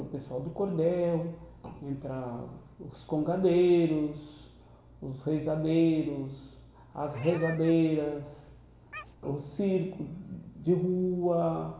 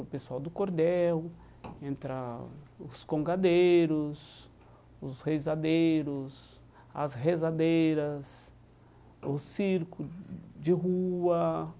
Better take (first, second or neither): second